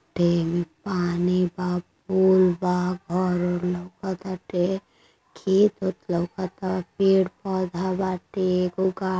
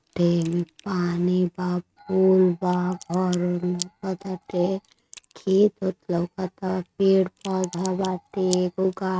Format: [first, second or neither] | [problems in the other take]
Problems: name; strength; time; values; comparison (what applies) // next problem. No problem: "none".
first | noise reduction (neural mask model RNNoise)